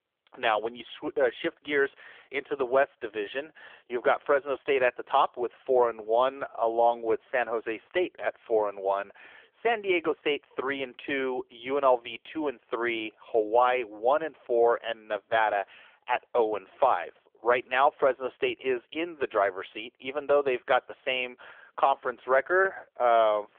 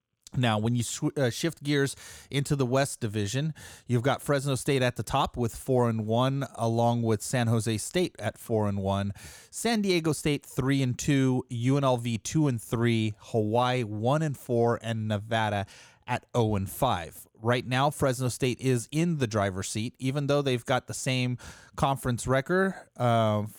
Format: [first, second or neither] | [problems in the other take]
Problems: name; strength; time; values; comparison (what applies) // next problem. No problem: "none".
second | phone-call audio; poor line; nothing above 3.5 kHz